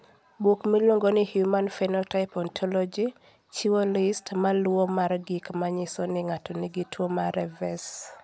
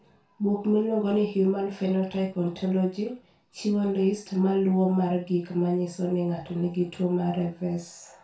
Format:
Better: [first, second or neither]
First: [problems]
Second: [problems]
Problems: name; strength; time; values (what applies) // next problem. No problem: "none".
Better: first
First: none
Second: room echo; dies away in 0.2 s